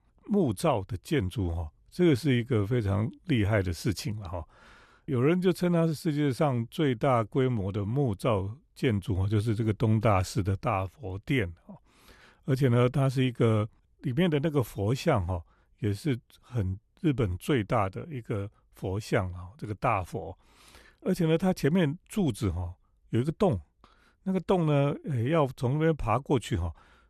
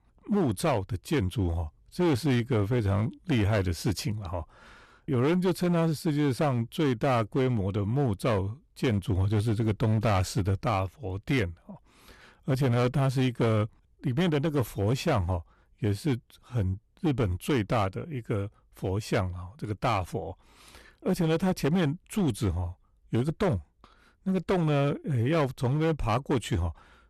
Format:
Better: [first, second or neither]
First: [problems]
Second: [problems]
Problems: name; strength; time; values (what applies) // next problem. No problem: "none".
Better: first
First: none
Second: distortion; slight; 9% of the sound clipped